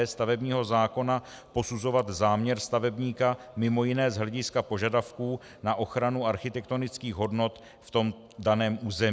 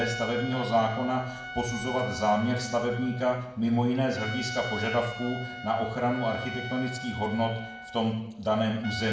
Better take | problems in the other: first | background sound (Trumpet); 11 dB below the speech // room echo; dies away in 0.7 s

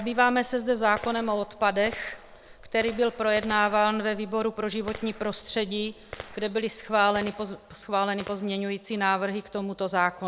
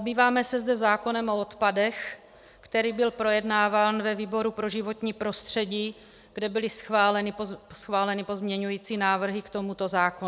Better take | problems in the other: second | background sound (Gunshot, gunfire); 18 dB below the speech

